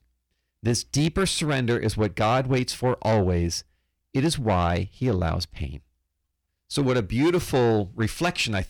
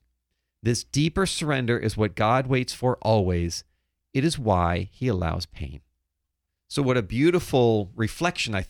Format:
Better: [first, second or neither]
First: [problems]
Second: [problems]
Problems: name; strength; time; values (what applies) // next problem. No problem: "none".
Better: second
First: distortion; slight; 10 dB below the speech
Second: none